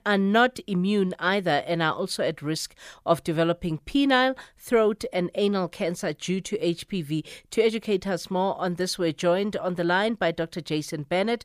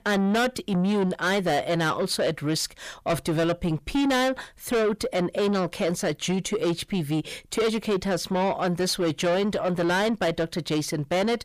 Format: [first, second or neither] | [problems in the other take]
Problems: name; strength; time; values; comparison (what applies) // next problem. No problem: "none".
first | distortion; heavy; 8 dB below the speech